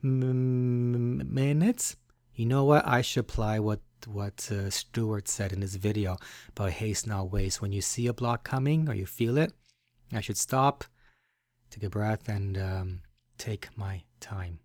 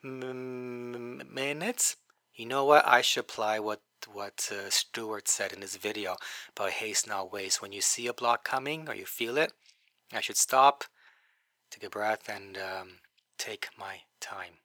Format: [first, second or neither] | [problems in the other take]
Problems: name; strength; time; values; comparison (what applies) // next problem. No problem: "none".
first | thin; very; fading below 650 Hz